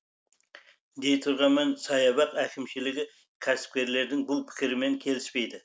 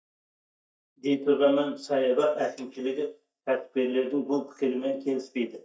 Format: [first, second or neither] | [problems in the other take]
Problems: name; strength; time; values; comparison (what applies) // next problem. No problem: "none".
first | noise reduction (neural mask model DeepFilterNet 3)